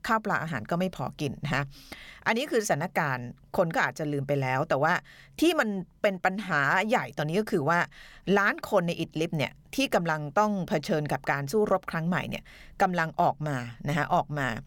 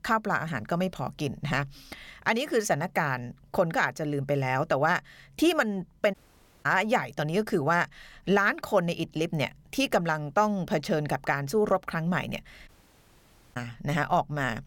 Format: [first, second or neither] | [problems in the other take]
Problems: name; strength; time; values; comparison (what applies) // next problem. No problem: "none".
first | audio cutting out; at 6 s for 0.5 s and at 13 s for 1 s